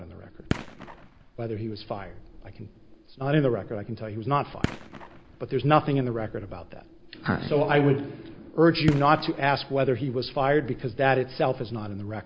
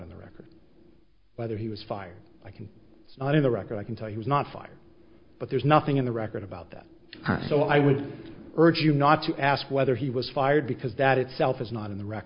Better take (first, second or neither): second